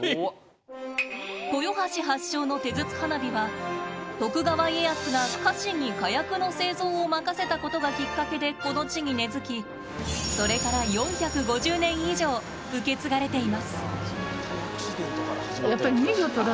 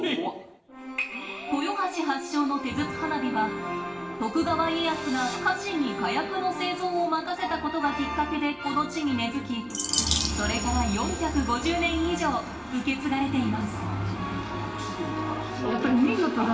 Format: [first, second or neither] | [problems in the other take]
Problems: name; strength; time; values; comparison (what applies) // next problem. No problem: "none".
first | background sound (Bird vocalization, bird call, bird song); as loud as the speech // room echo; dies away in 0.8 s